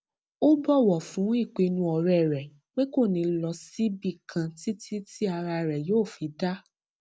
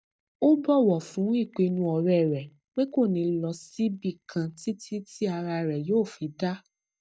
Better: first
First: none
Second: noise reduction (neural mask model DeepFilterNet 3)

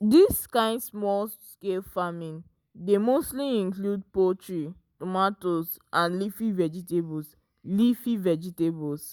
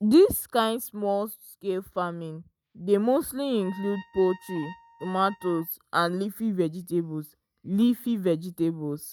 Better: first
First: none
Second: noise reduction (neural mask model RNNoise)

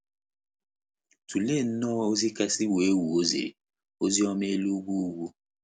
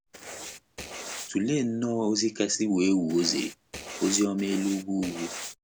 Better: first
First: none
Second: background sound (Writing); 12 dB below the speech

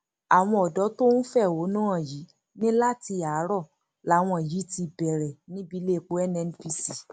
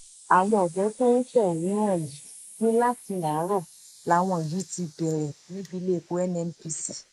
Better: first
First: none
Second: noise reduction (neural mask model Resemble Enhance denoiser)

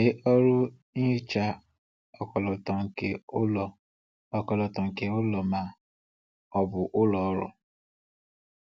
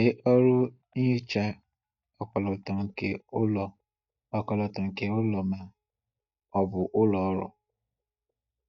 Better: first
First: none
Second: noise reduction (neural mask model DeepFilterNet 3)

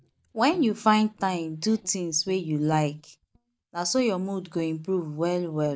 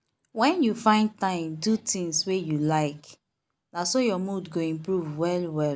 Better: second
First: noise reduction (neural mask model DeepFilterNet 3)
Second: none

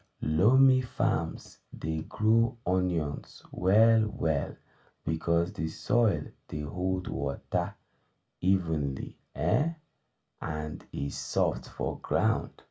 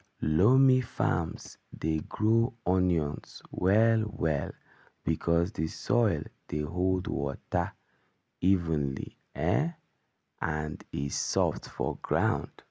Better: second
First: room echo; dies away in 0.2 s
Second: none

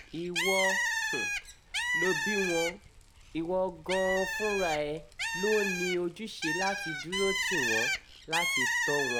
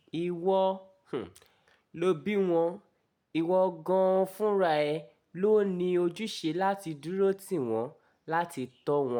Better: second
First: background sound (Bird); as loud as the speech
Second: none

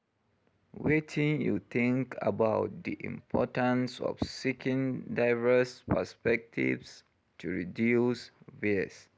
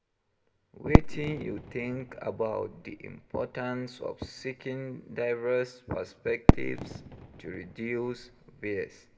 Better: first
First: none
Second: background sound (Fireworks); 4 dB above the speech // room echo; dies away in 0.6 s

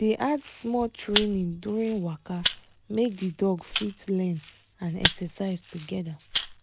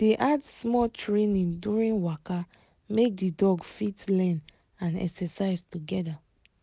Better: second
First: background sound (Rattle (instrument)); 6 dB below the speech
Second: none

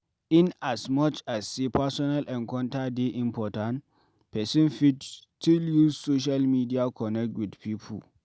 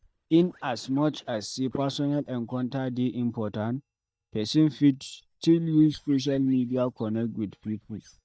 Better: first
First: none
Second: noise reduction (neural mask model DeepFilterNet 3)

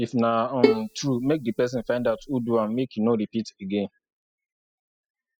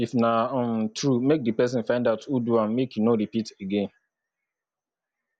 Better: second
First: noise reduction (classical method spectral subtraction)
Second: none

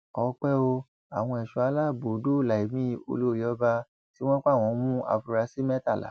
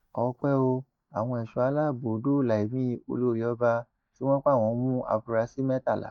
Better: first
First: none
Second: noise reduction (neural mask model DeepFilterNet 3)

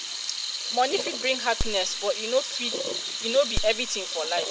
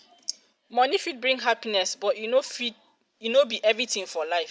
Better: second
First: background sound (Sink (filling or washing) / Water tap, faucet + Crack); 2 dB below the speech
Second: none

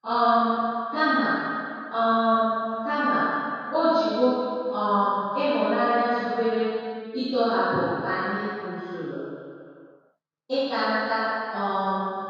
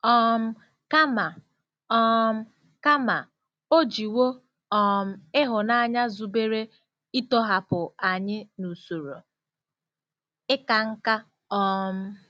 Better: second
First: room echo; dies away in 2.1 s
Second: none

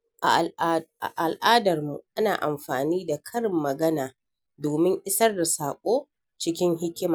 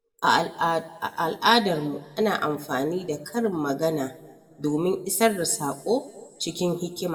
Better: first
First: none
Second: room echo; dies away in 1.4 s

